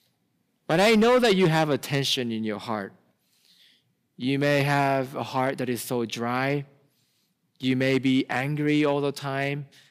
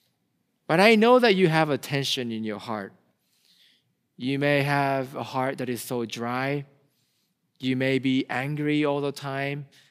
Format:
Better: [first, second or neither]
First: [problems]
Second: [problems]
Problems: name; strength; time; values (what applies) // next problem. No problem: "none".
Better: second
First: distortion; slight; 3% of the sound clipped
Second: none